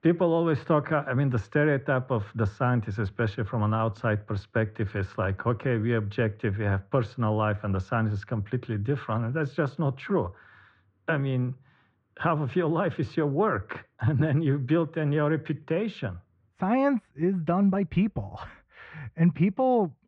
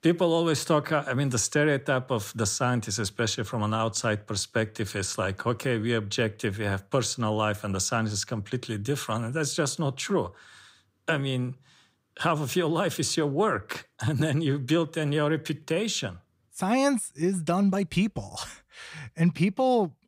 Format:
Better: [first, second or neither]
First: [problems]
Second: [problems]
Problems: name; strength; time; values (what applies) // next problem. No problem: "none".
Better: second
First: muffled; very; fading above 2 kHz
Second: none